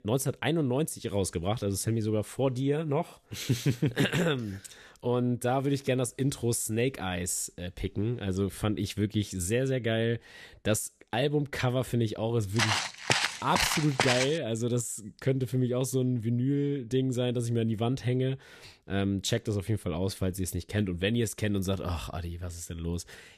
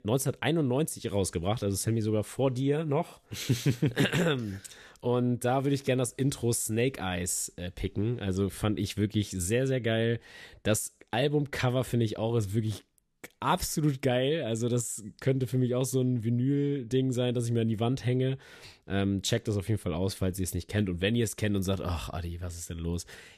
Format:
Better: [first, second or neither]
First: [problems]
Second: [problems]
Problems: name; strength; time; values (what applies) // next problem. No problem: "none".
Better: second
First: footsteps; loud; from 13 to 14 s; peak 3 dB above the speech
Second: none